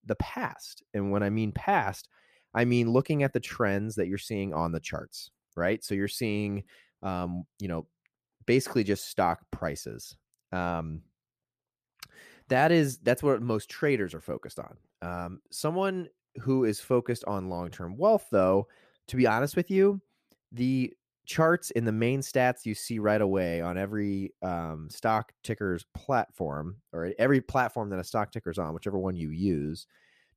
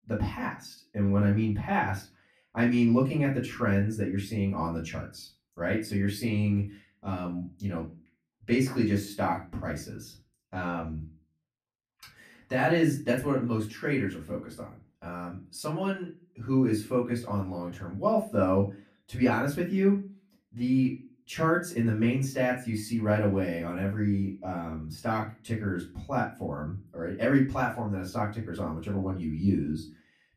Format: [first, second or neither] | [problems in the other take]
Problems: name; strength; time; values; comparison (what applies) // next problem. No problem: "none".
first | off-mic speech; far // room echo; slight; dies away in 0.3 s